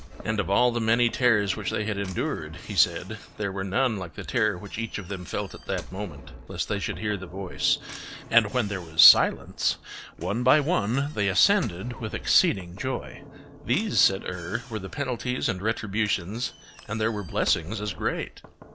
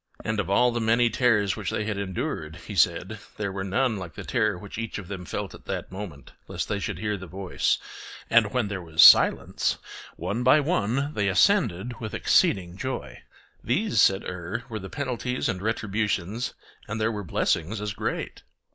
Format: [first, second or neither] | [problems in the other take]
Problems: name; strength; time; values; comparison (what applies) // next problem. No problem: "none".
second | background sound (Knock / Slam); 18 dB below the speech